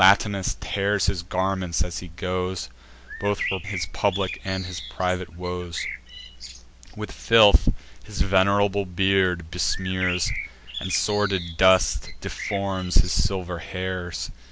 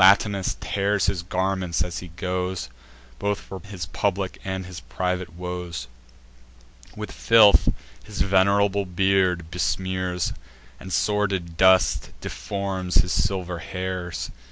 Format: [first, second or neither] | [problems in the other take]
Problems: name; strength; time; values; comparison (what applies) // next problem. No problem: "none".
second | background sound (Bird); 12 dB below the speech